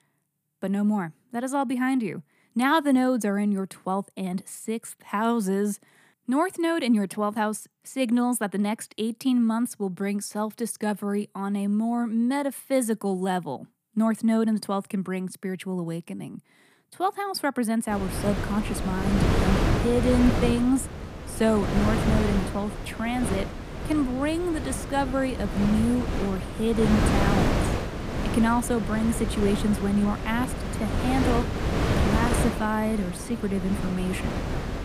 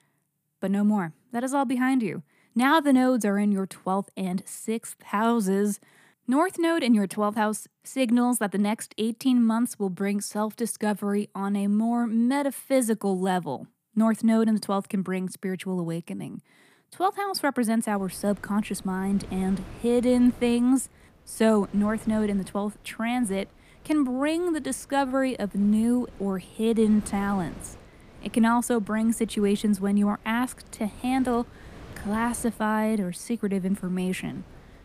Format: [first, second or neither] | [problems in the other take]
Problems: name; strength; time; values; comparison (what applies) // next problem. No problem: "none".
second | wind noise on the microphone; heavy; from 18 s on; 3 dB below the speech; occasional gusts in the second